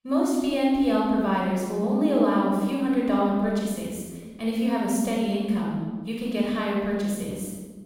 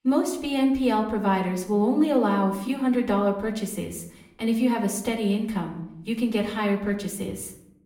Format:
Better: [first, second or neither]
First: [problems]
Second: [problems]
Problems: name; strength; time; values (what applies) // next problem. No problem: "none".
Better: second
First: room echo; strong; dies away in 1.3 s // off-mic speech; far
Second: room echo; slight; dies away in 0.6 s // off-mic speech; somewhat distant